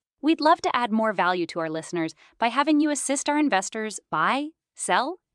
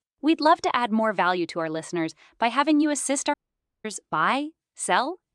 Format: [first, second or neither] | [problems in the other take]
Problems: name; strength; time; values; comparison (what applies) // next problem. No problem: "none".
first | audio cutting out; at 3.5 s for 0.5 s